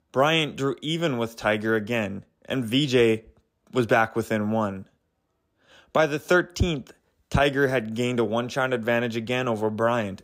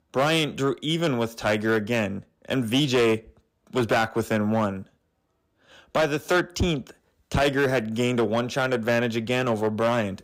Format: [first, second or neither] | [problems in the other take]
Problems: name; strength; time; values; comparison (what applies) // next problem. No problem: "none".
first | distortion; slight; 6% of the sound clipped